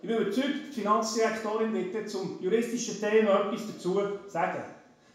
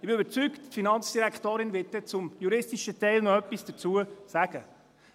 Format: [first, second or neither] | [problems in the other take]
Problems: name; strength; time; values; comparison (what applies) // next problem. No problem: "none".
second | room echo; dies away in 0.6 s